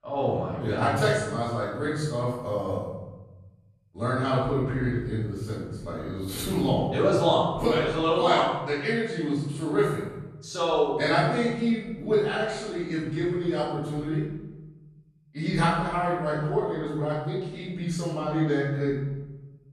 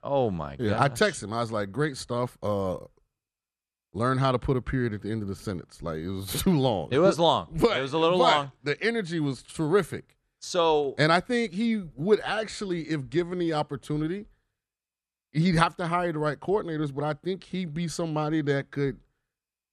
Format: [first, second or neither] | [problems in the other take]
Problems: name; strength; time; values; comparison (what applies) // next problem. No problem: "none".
second | off-mic speech; far // room echo; noticeable; dies away in 1 s